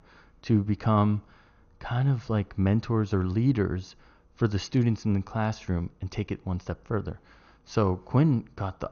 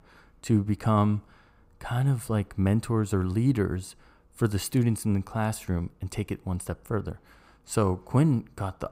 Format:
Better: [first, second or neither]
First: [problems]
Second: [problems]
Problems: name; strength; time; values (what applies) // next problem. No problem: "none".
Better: second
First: garbled, watery; slightly; nothing above 6.5 kHz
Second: none